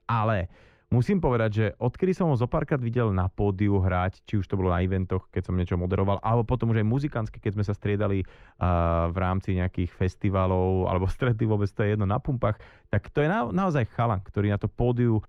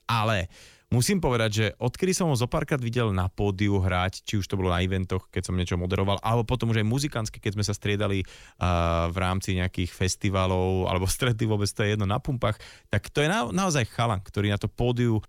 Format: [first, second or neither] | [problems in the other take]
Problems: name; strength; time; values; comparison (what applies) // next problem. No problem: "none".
second | muffled; very; fading above 3.5 kHz